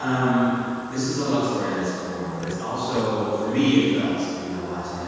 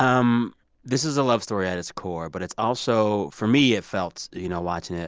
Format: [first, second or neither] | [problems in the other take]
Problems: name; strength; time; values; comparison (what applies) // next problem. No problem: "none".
second | background sound (Burping, eructation); 18 dB below the speech // room echo; dies away in 2.1 s